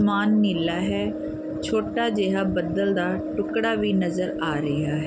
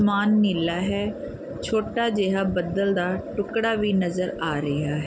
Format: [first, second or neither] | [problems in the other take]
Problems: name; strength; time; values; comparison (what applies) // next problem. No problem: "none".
second | background sound (Brass instrument); 7 dB below the speech